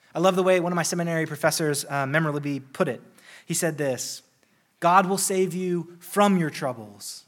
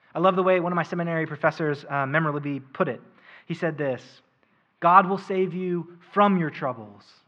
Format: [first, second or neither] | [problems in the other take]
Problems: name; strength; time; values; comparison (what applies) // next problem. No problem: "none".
first | muffled; very; fading above 3 kHz